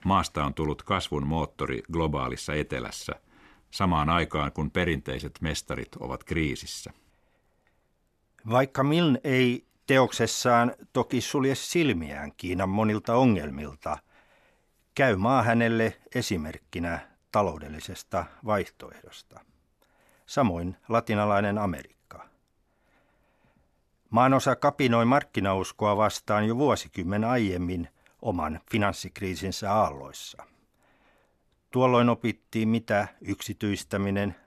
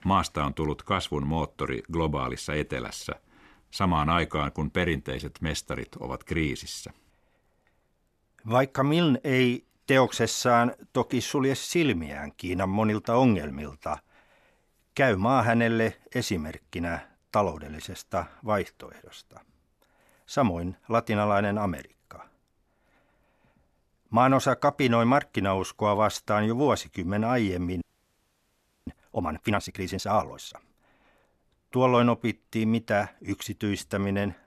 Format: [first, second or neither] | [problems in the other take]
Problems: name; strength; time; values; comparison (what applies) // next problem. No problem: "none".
first | audio freezing; at 28 s for 1 s